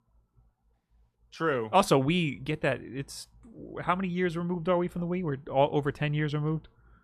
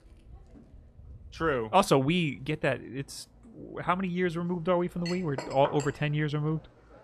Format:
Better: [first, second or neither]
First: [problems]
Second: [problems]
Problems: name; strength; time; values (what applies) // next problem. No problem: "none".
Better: first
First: none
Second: household noises; noticeable; throughout; 15 dB below the speech